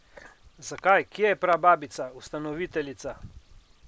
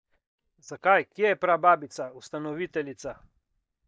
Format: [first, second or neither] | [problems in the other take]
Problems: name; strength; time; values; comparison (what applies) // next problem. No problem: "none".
first | noise reduction (neural mask model DeepFilterNet 3)